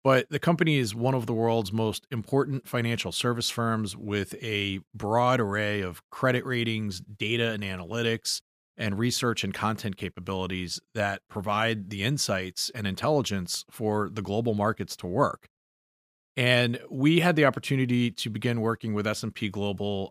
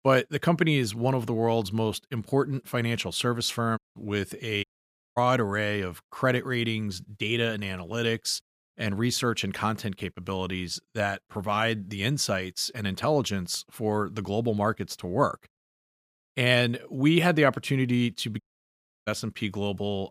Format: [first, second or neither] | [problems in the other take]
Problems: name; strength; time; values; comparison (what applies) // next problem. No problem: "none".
first | audio cutting out; at 4 s, at 4.5 s for 0.5 s and at 18 s for 0.5 s